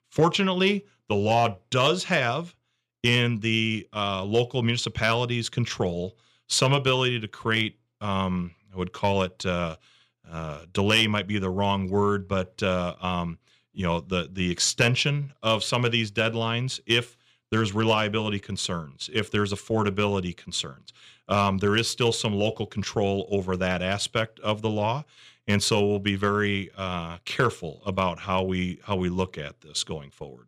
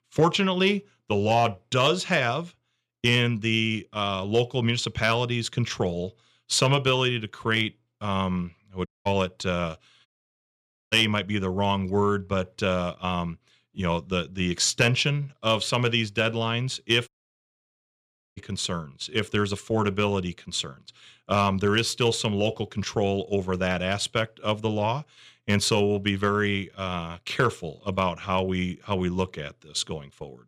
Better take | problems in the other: first | audio cutting out; at 9 s, at 10 s for 1 s and at 17 s for 1.5 s

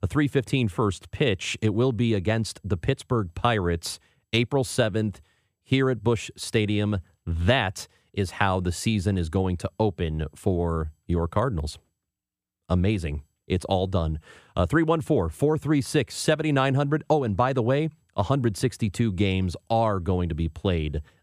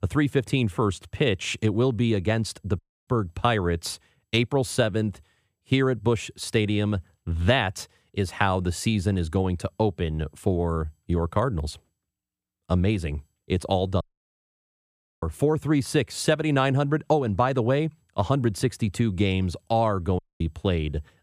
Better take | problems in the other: first | audio cutting out; at 3 s, at 14 s for 1 s and at 20 s

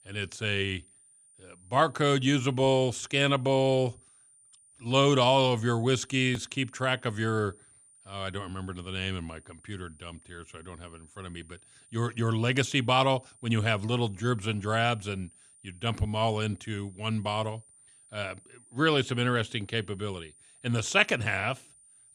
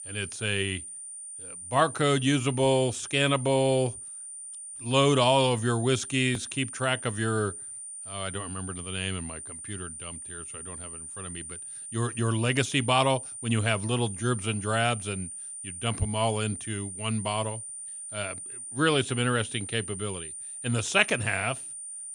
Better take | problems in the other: first | high-pitched whine; loud; throughout; 9 kHz, 10 dB below the speech; faint in the first

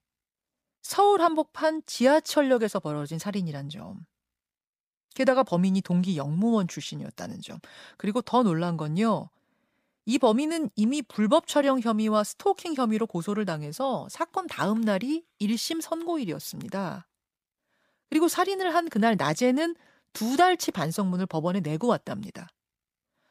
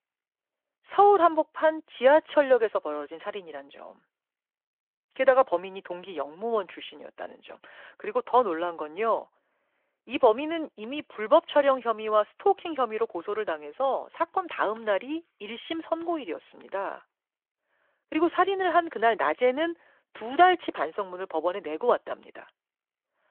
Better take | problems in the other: first | phone-call audio

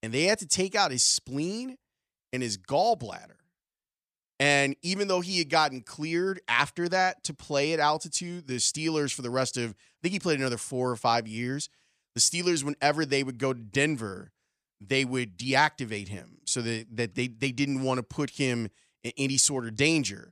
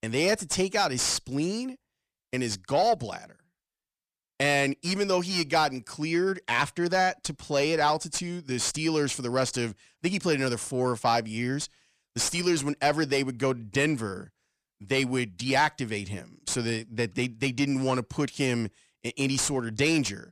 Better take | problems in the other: first | distortion; slight; 10 dB below the speech

